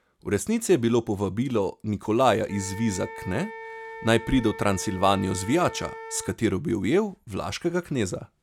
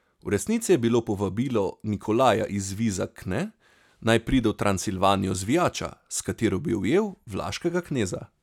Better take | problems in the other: second | background sound (Wind instrument, woodwind instrument); 17 dB below the speech

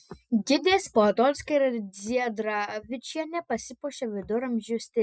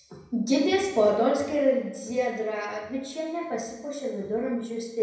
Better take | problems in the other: first | room echo; dies away in 0.9 s

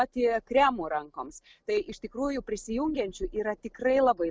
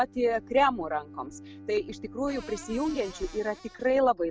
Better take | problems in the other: first | background sound (Cupboard open or close / Door + Bowed string instrument); 18 dB below the speech

